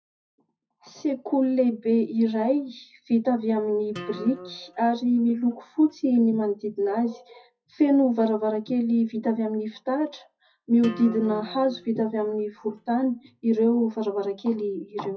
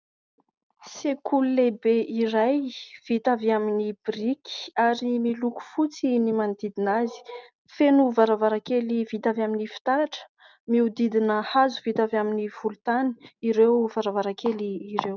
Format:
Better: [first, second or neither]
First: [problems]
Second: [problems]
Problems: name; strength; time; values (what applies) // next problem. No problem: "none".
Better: second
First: noise reduction (classical method WPE with log-MMSE)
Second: none